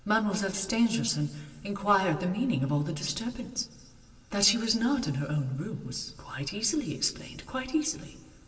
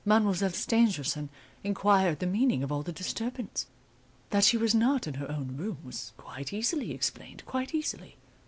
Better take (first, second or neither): second